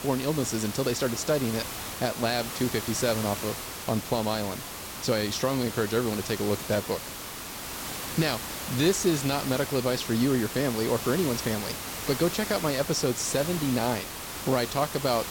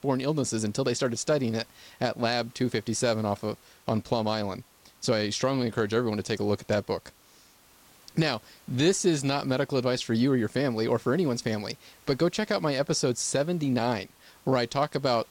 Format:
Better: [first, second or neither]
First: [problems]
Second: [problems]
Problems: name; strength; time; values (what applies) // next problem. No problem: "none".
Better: second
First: hiss; loud; throughout; 6 dB below the speech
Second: hiss; faint; throughout; 30 dB below the speech